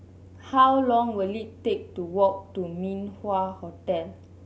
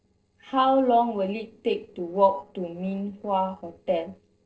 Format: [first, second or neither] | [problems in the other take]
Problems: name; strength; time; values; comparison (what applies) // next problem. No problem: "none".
first | noise reduction (neural separator model SepFormer DNS4)